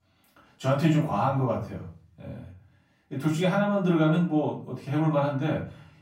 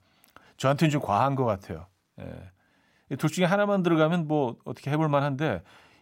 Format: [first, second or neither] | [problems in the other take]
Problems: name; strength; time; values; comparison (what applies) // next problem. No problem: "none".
second | off-mic speech; far // room echo; slight; dies away in 0.4 s